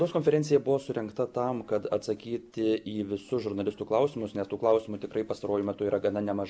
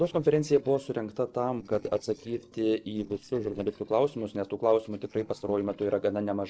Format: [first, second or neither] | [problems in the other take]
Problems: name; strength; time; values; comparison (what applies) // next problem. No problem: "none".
first | noise reduction (neural separator model SepFormer DNS4)